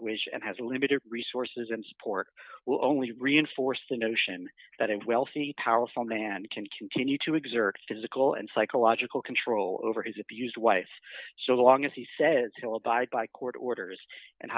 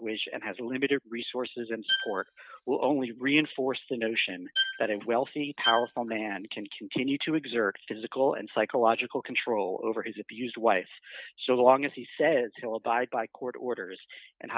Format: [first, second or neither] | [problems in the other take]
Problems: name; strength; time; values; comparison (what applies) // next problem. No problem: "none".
first | noise reduction (neural mask model RNNoise)